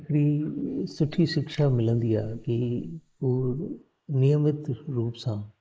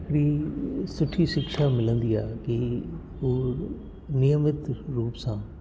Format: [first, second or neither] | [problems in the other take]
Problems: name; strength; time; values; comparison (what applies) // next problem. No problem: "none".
second | noise reduction (neural mask model Resemble Enhance denoiser)